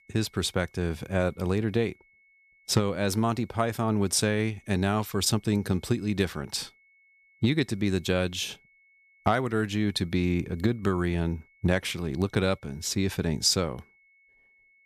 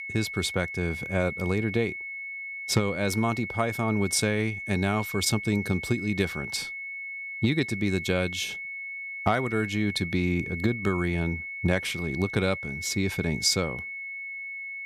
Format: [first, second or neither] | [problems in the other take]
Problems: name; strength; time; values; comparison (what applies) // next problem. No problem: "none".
first | high-pitched whine; loud; throughout; 2 kHz, 6 dB below the speech; faint in the first